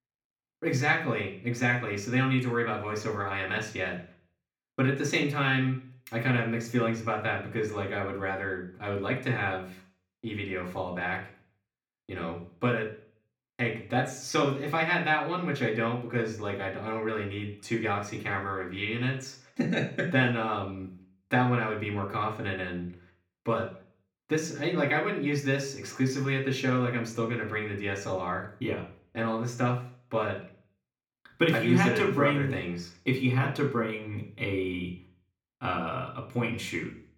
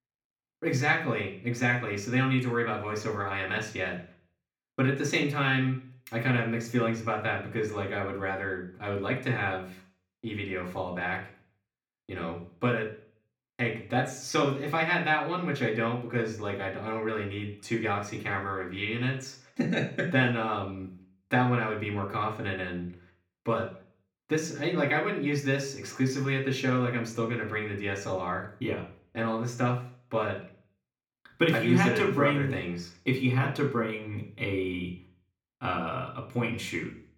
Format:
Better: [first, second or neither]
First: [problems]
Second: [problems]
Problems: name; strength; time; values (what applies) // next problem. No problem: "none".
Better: neither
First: room echo; slight; dies away in 0.5 s // off-mic speech; somewhat distant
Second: room echo; slight; dies away in 0.5 s // off-mic speech; somewhat distant